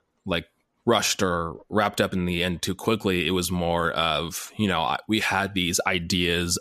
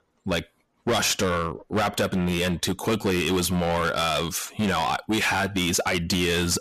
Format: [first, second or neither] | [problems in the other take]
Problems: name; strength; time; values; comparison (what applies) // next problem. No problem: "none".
first | distortion; heavy; 15% of the sound clipped